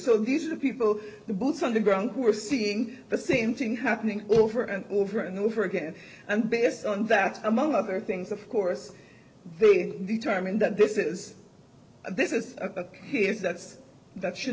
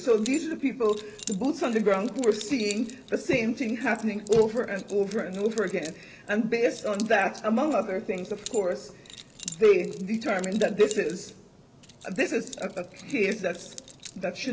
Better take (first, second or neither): first